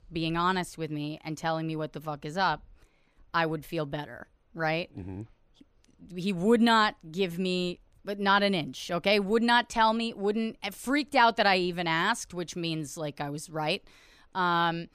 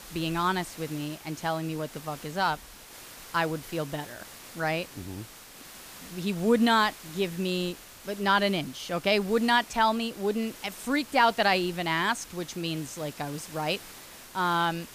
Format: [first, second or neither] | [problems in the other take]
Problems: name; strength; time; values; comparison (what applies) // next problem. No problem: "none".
first | hiss; noticeable; throughout; 15 dB below the speech